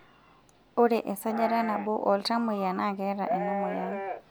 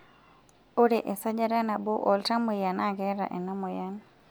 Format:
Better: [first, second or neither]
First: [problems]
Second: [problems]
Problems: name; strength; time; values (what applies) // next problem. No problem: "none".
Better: second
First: background sound (Livestock, farm animals, working animals); 6 dB below the speech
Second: none